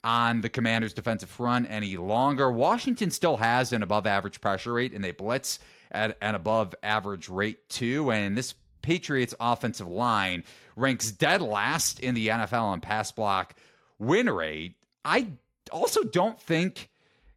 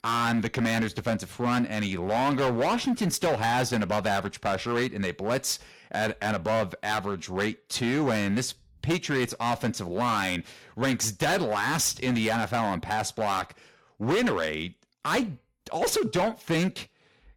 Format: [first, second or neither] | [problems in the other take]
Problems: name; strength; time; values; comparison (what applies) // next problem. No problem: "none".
first | distortion; heavy; 12% of the sound clipped